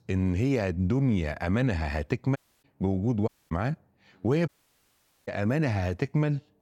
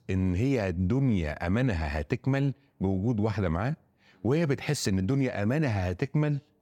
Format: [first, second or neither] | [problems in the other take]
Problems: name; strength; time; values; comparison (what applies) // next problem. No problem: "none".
second | audio cutting out; at 2.5 s, at 3.5 s and at 4.5 s for 1 s